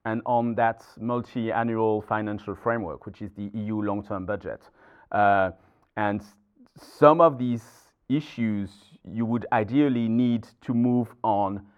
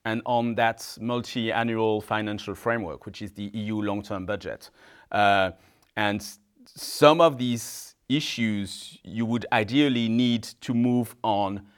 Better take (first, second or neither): second